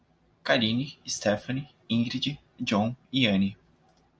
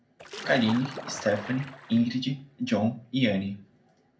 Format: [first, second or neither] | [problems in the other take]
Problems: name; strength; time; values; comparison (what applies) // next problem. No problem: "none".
first | background sound (Splash, splatter); 13 dB below the speech // room echo; dies away in 0.3 s